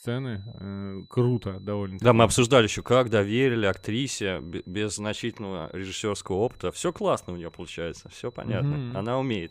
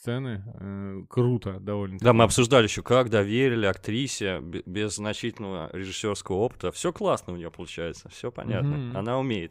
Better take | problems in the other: second | high-pitched whine; faint; throughout; 4 kHz, 35 dB below the speech

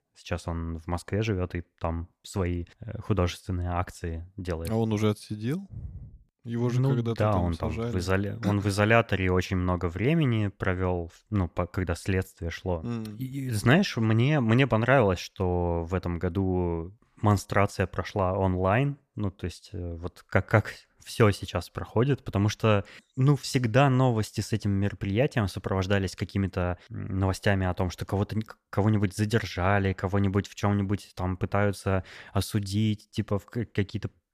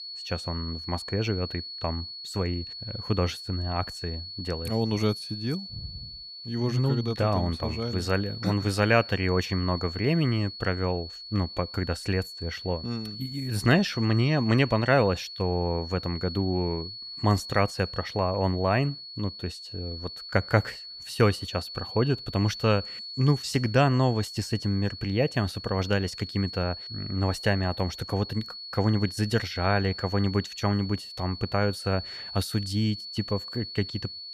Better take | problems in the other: first | high-pitched whine; loud; throughout; 4.5 kHz, 10 dB below the speech

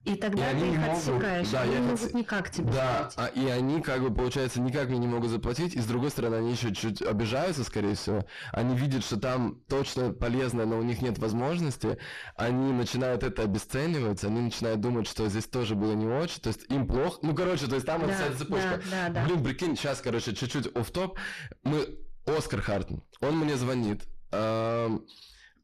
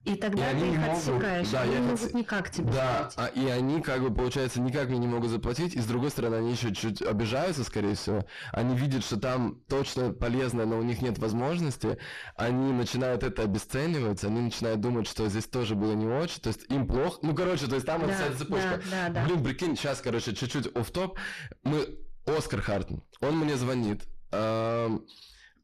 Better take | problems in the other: neither | distortion; heavy; 6 dB below the speech; the same in both

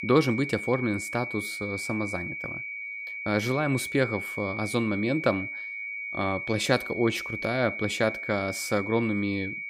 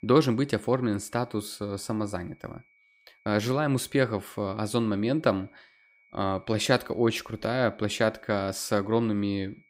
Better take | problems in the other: second | high-pitched whine; loud; throughout; 2.5 kHz, 5 dB below the speech; faint in the second

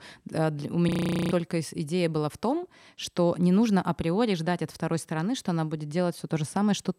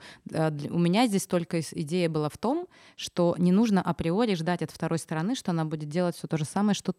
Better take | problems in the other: second | audio freezing; at 1 s

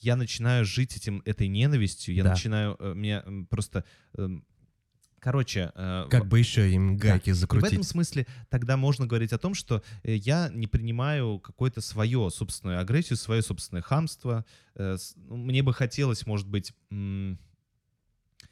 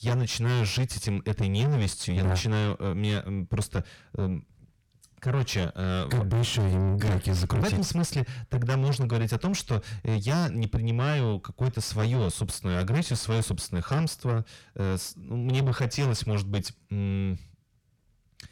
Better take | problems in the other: first | distortion; heavy; 7 dB below the speech

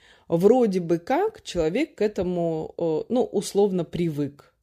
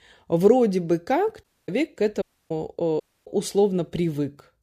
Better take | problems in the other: first | audio cutting out; at 1.5 s, at 2 s and at 3 s

